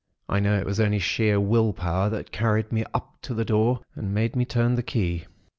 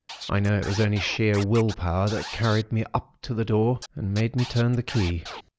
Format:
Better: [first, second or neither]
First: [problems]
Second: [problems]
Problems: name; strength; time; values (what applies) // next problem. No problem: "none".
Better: first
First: none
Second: background sound (Scratching (performance technique)); 16 dB below the speech